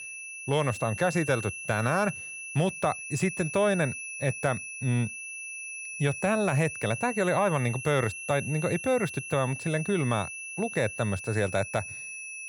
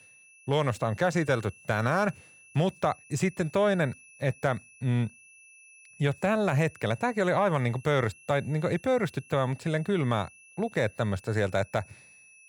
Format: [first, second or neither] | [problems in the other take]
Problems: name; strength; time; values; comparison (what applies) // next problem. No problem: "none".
second | high-pitched whine; loud; throughout; 2.5 kHz, 8 dB below the speech; faint in the second